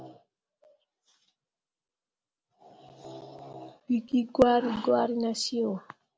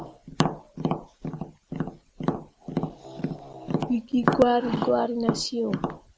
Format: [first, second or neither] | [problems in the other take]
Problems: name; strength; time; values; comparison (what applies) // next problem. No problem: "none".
first | background sound (Tap); 1 dB below the speech